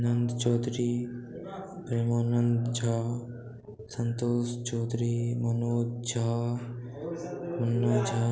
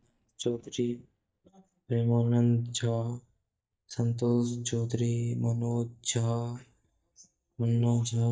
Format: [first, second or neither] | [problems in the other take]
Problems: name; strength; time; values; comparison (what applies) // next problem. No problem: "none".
first | noise reduction (neural mask model DeepFilterNet 3)